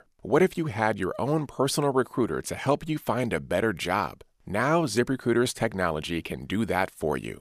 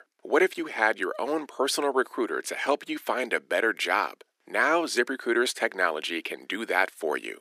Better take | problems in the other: first | thin; somewhat; fading below 300 Hz

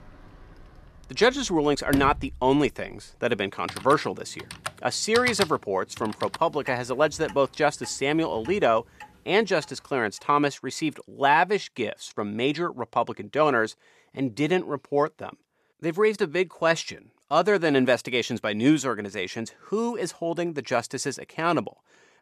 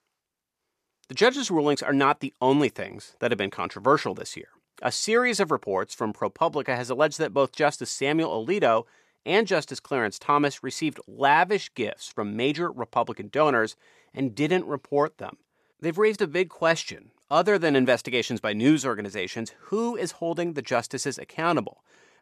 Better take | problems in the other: second | household noises; noticeable; until 10 s; 10 dB below the speech

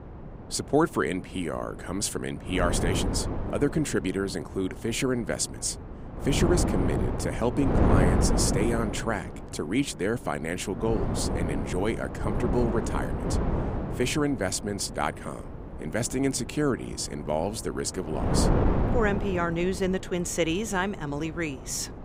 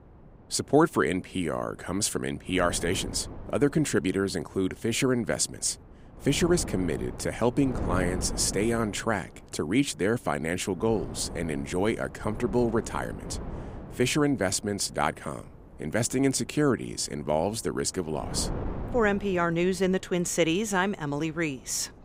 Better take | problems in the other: second | wind noise on the microphone; heavy; 4 dB below the speech; occasional gusts in the second

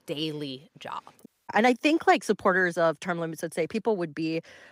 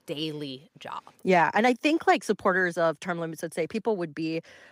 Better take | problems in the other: second | audio cutting out; at 1.5 s

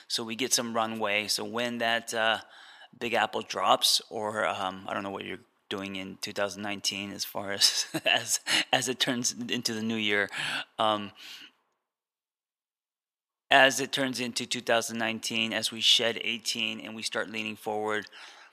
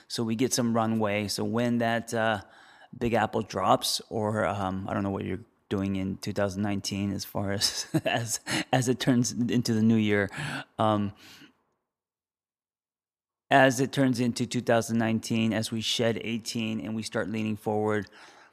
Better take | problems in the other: second | thin; somewhat; fading below 850 Hz

